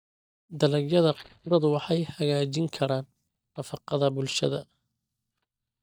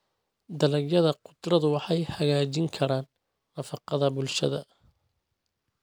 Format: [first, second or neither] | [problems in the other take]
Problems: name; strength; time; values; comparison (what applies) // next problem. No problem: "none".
second | noise reduction (neural mask model DeepFilterNet 3)